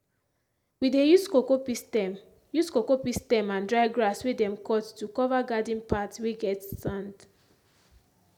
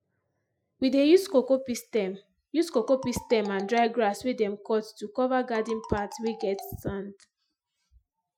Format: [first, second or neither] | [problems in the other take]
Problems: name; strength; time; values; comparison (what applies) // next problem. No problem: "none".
first | noise reduction (classical method Wiener filter)